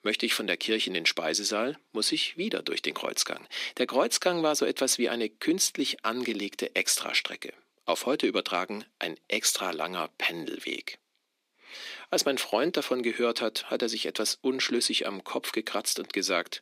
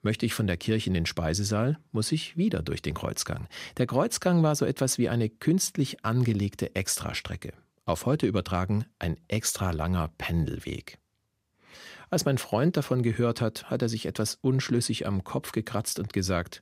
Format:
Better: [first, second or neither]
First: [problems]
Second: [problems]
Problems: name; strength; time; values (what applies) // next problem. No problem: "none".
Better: second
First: thin; somewhat; fading below 250 Hz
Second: none